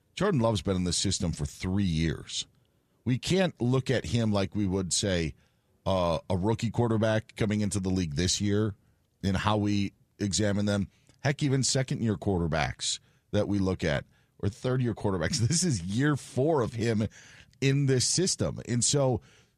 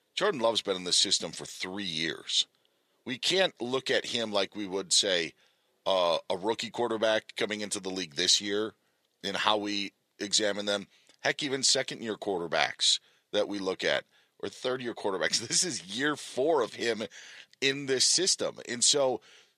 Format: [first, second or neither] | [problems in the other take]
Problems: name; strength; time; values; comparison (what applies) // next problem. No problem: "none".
first | thin; somewhat; fading below 450 Hz